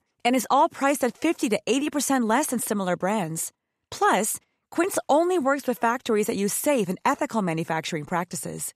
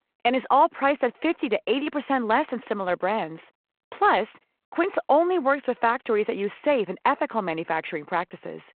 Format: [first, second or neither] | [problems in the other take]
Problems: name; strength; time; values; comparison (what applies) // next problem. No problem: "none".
first | phone-call audio